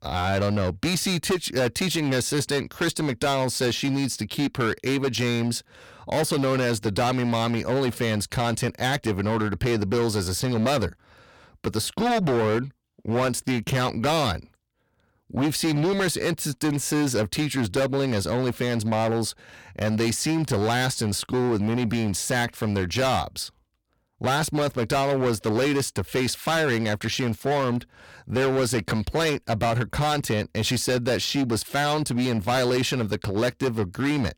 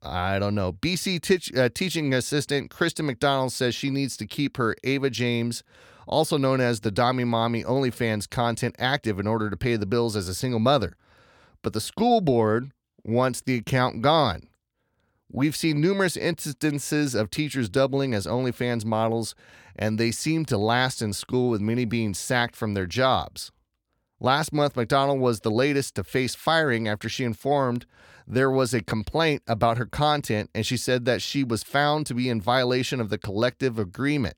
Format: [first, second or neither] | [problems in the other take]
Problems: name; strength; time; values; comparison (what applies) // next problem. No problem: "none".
second | distortion; heavy; 18% of the sound clipped